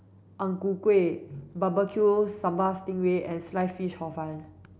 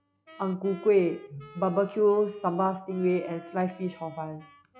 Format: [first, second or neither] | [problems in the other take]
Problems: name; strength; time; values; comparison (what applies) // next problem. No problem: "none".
first | noise reduction (classical method log-MMSE)